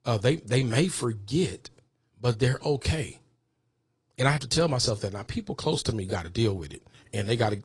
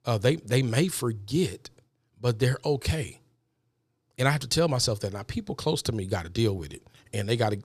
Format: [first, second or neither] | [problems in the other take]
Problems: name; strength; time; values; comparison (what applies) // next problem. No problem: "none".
second | garbled, watery; slightly; nothing above 10 kHz